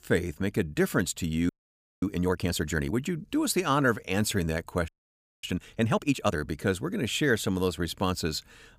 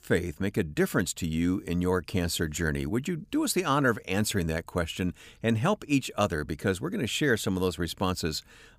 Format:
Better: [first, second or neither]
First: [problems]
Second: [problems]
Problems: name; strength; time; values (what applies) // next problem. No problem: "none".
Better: second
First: audio freezing; at 1.5 s for 0.5 s and at 5 s for 0.5 s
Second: none